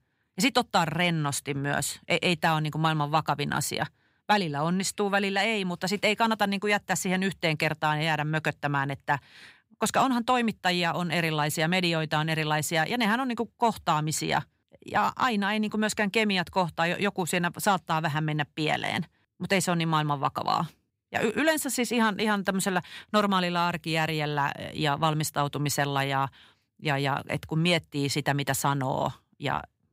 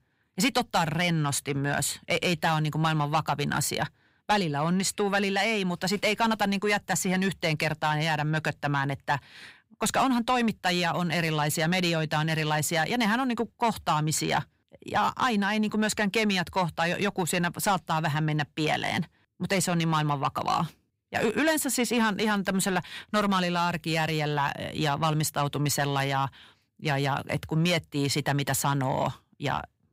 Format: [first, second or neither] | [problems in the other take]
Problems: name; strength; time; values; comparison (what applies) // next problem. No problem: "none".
first | distortion; slight; 10 dB below the speech